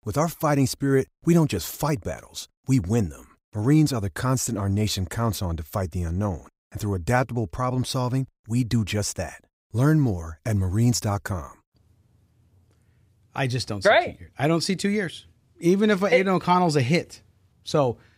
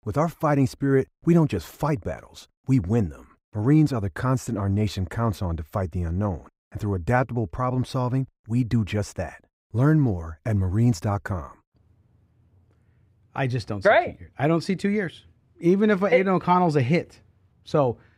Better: first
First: none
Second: muffled; slightly; fading above 3 kHz

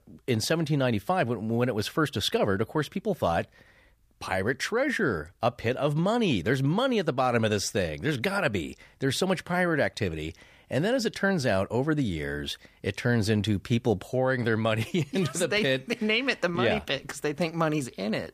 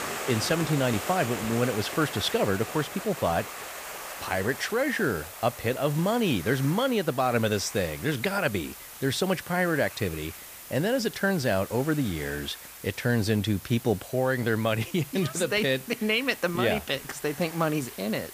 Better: first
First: none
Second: hiss; noticeable; throughout; 10 dB below the speech

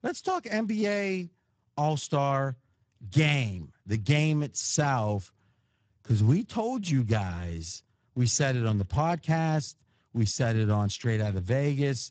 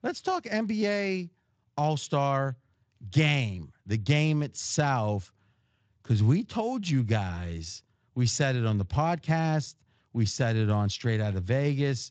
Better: second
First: garbled, watery; badly; nothing above 7.5 kHz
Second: garbled, watery; slightly; nothing above 7.5 kHz

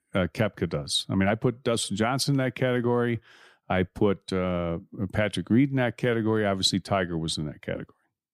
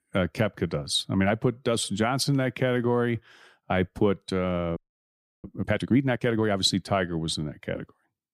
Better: first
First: none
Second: audio freezing; at 5 s for 0.5 s

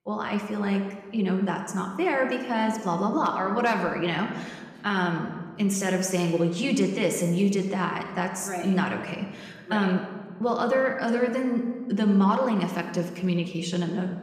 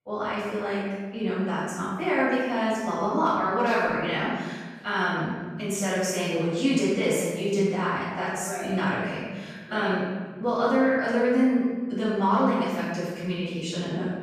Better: first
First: room echo; slight; dies away in 1.3 s // off-mic speech; somewhat distant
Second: room echo; strong; dies away in 1.2 s // off-mic speech; far

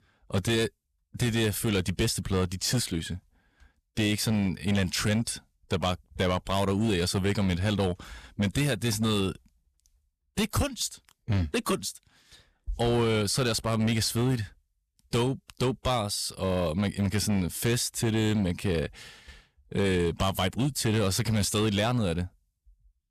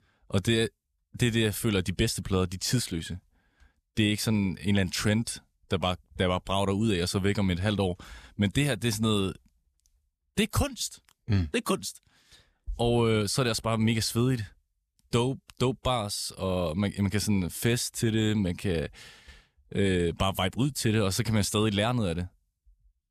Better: second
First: distortion; slight; 8% of the sound clipped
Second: none

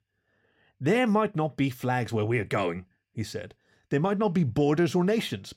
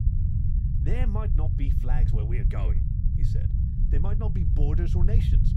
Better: first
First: none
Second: low rumble; loud; throughout; 1 dB below the speech

